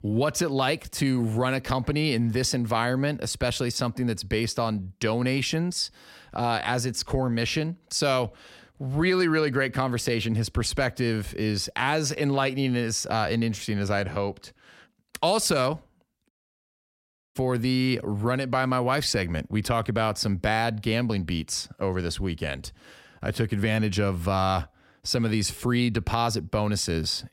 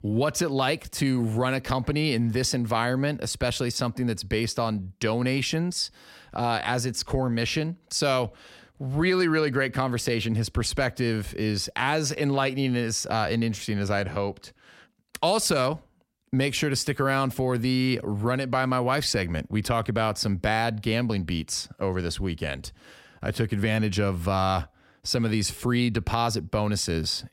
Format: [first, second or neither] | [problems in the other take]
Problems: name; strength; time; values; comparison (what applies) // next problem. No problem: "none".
second | audio cutting out; at 16 s for 1 s